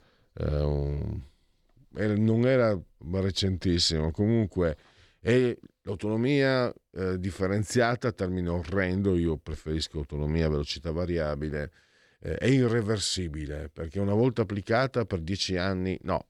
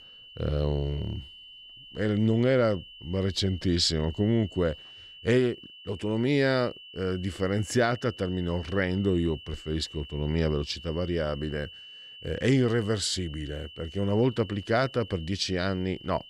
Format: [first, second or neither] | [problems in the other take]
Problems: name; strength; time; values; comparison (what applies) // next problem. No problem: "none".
first | high-pitched whine; noticeable; throughout; 3 kHz, 15 dB below the speech